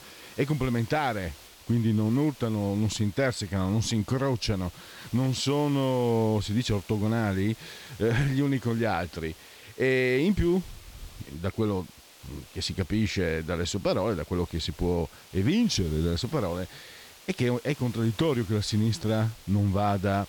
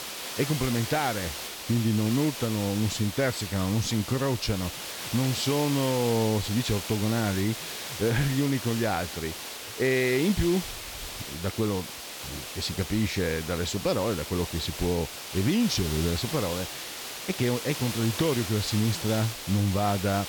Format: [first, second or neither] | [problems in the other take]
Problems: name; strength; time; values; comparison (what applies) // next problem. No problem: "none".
first | hiss; loud; throughout; 7 dB below the speech; faint in the first